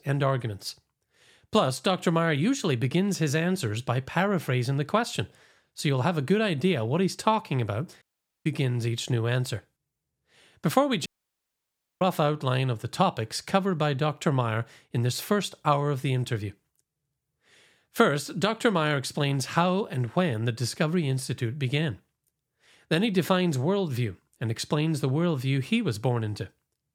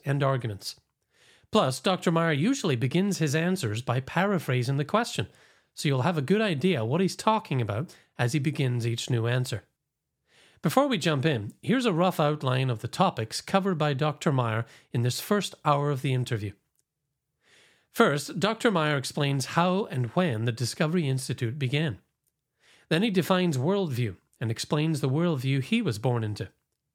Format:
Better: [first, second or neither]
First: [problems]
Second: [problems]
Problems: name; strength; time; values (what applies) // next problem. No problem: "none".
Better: second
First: audio cutting out; at 8 s and at 11 s for 1 s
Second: none